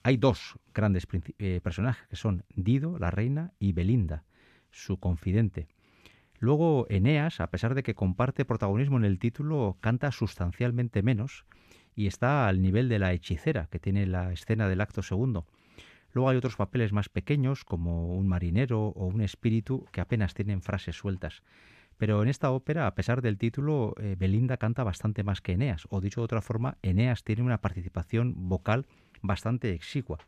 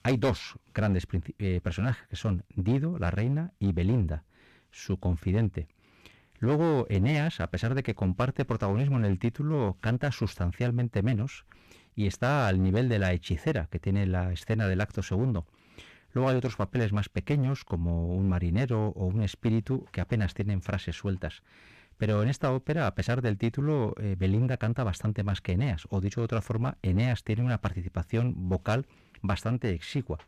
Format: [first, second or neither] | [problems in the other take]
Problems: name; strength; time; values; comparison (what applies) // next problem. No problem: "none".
first | distortion; slight; 8% of the sound clipped